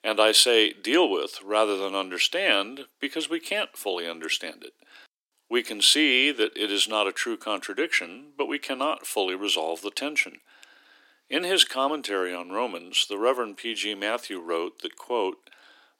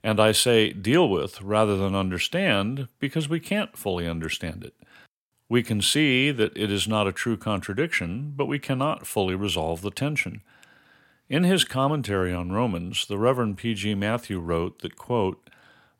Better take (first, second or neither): second